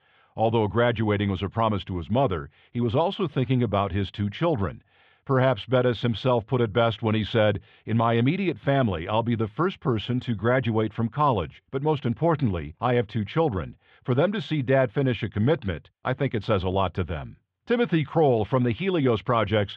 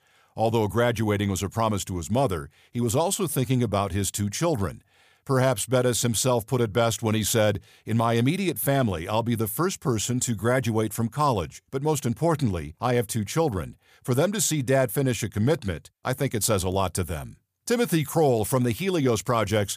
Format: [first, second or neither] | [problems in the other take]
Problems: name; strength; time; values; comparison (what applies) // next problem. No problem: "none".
second | muffled; very; fading above 3.5 kHz